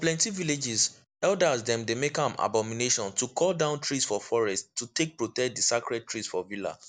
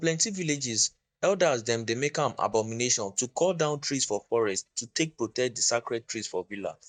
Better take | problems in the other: first | noise reduction (neural mask model DeepFilterNet 3)

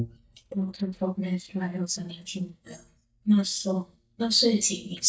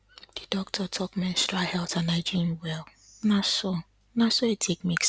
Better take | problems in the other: second | noise reduction (neural mask model DeepFilterNet 3)

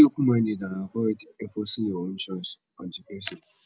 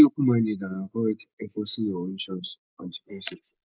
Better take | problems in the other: first | noise reduction (neural mask model Resemble Enhance denoiser)

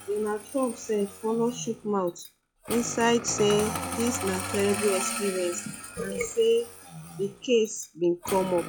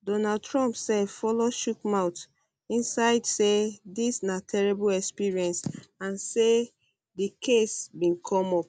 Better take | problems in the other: second | noise reduction (classical method log-MMSE)

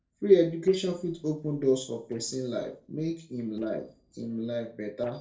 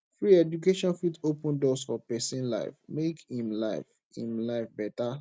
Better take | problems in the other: second | noise reduction (neural separator model SepFormer DNS4)

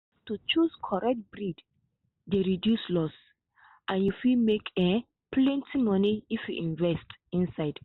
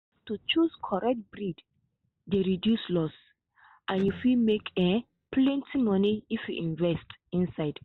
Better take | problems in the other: first | background sound (Electric guitar); 18 dB below the speech

